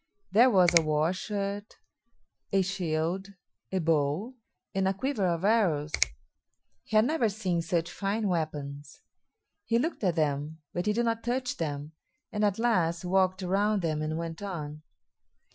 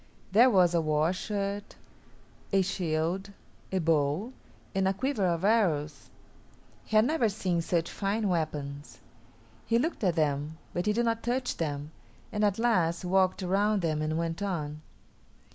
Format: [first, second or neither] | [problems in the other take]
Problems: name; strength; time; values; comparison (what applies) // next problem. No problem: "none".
second | noise reduction (classical method Wiener filter)